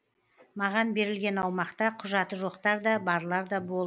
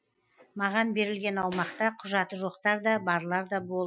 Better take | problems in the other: first | noise reduction (classical method Wiener filter)

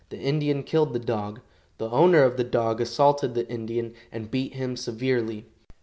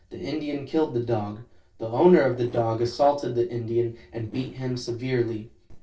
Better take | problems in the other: first | noise reduction (neural separator model SepFormer DNS4)

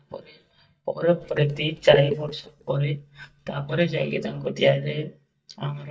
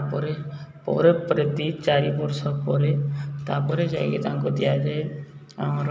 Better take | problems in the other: second | noise reduction (neural mask model DeepFilterNet 3)

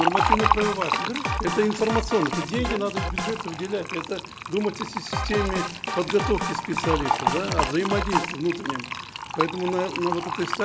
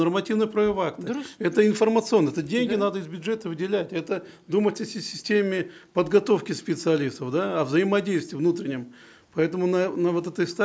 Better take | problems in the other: second | background sound (Drum kit + Fill (with liquid)); as loud as the speech

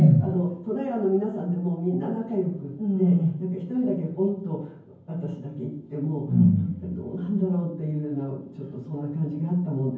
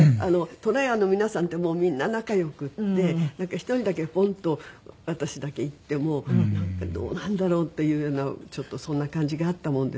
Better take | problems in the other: second | room echo; dies away in 0.9 s

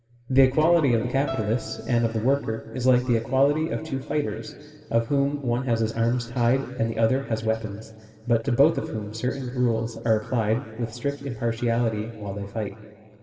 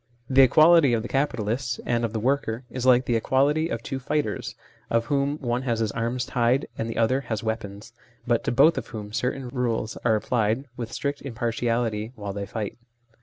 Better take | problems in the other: second | background sound (Bowed string instrument); 18 dB below the speech // room echo; dies away in 2 s

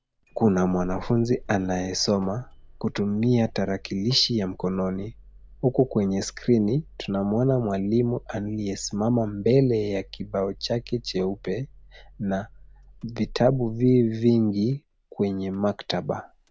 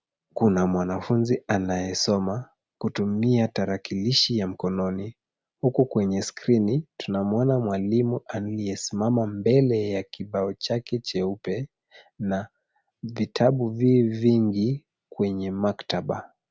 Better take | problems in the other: second | background sound (Tap + Engine starting); 20 dB below the speech

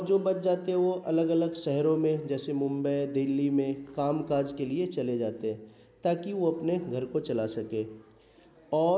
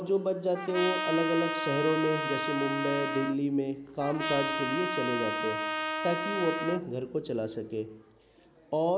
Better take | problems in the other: first | background sound (Trumpet); 2 dB below the speech

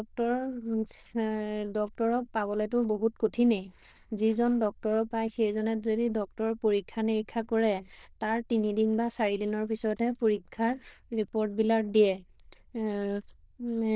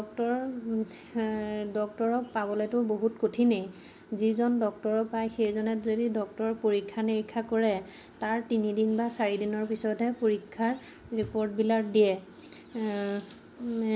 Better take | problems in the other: second | noise reduction (neural diffusion model UNIVERSE++)

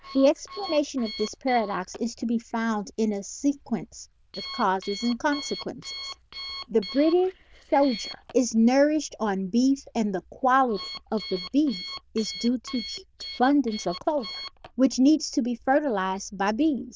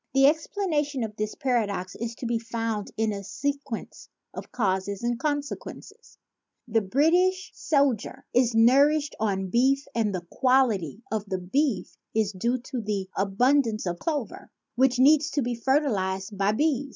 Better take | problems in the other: second | noise reduction (neural diffusion model UNIVERSE++)

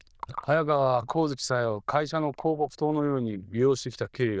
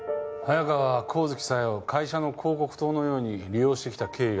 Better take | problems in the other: second | noise reduction (neural diffusion model UNIVERSE++)

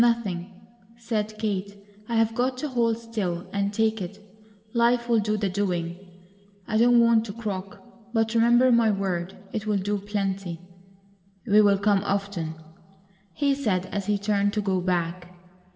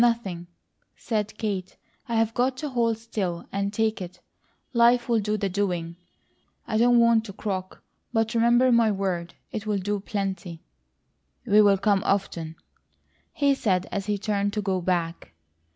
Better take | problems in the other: second | room echo; dies away in 1.5 s

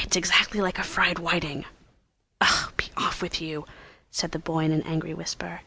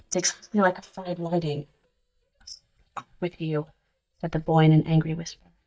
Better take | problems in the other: first | noise reduction (neural mask model DeepFilterNet 3)

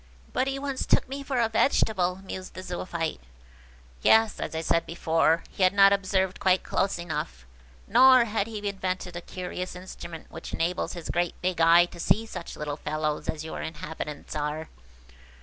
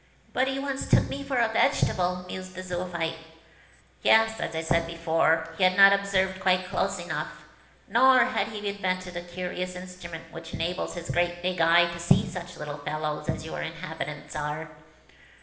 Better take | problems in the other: first | room echo; dies away in 1.1 s

